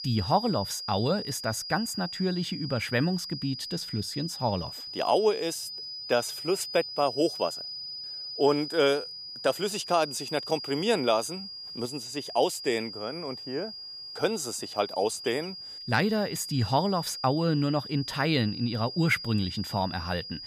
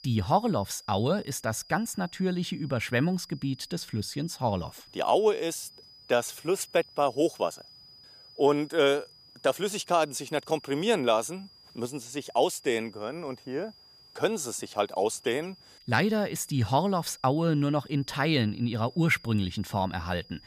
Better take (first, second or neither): second